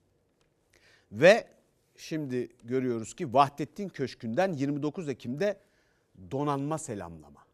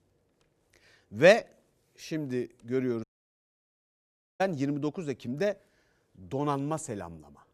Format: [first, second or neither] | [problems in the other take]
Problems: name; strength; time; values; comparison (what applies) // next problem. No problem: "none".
first | audio cutting out; at 3 s for 1.5 s